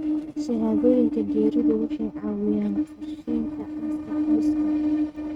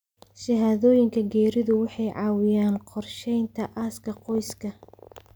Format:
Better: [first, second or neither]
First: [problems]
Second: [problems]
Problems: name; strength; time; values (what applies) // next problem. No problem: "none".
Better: second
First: noise reduction (neural mask model RNNoise)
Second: none